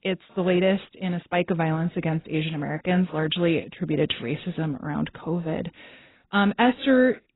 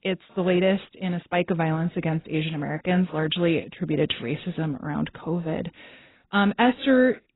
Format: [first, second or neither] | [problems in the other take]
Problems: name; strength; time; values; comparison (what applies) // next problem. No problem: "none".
neither | garbled, watery; badly; nothing above 4 kHz; the same in both